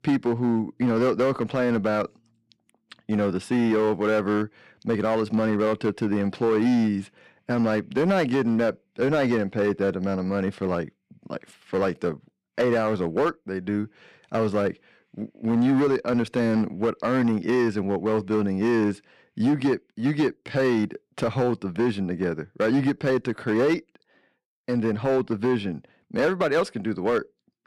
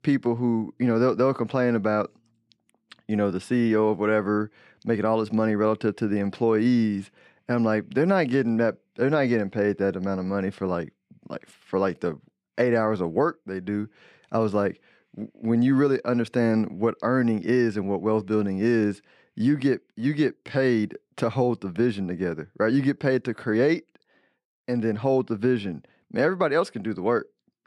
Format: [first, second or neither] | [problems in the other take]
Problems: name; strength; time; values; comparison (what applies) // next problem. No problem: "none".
second | distortion; slight; 7% of the sound clipped